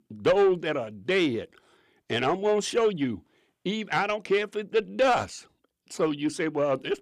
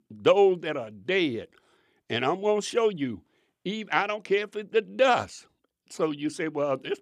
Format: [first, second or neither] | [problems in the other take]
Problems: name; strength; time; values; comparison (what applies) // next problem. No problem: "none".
second | distortion; slight; 10 dB below the speech